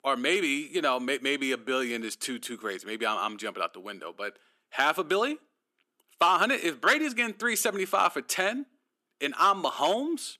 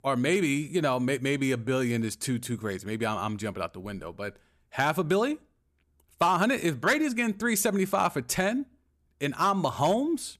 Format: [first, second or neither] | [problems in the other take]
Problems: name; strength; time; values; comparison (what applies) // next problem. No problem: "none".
second | thin; somewhat; fading below 250 Hz